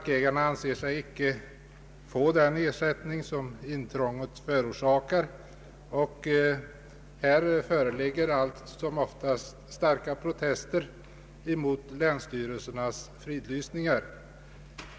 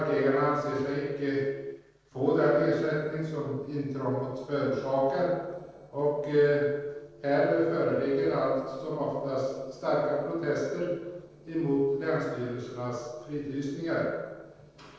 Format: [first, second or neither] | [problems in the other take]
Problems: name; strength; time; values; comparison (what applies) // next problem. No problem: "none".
first | noise reduction (neural separator model SepFormer DNS4)